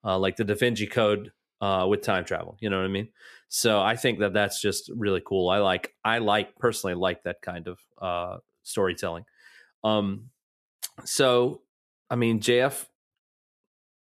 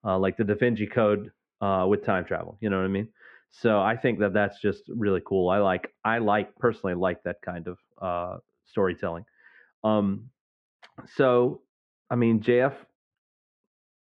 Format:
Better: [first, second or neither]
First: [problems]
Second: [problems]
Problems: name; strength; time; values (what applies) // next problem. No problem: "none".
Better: first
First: none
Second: muffled; very; fading above 2 kHz